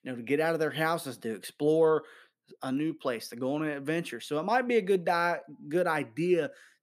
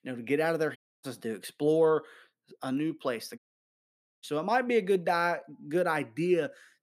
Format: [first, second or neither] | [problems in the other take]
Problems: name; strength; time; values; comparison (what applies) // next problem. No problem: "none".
first | audio cutting out; at 1 s and at 3.5 s for 1 s